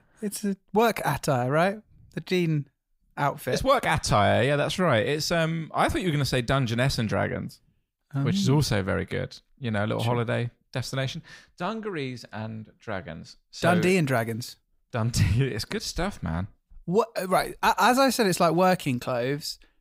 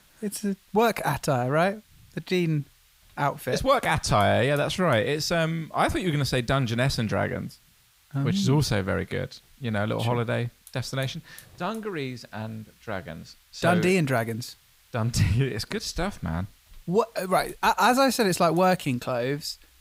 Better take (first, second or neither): first